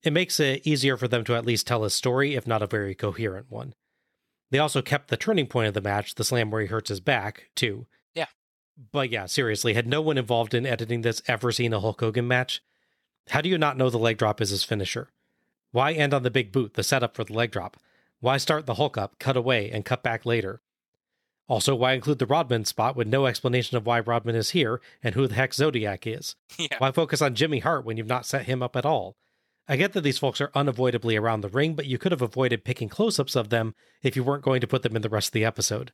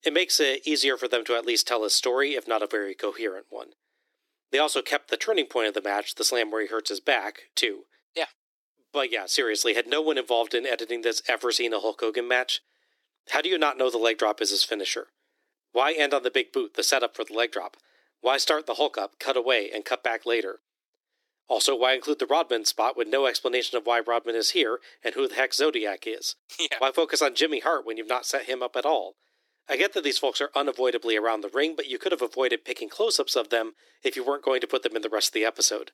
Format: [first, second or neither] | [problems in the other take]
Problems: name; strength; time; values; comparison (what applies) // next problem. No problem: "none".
first | thin; very; fading below 300 Hz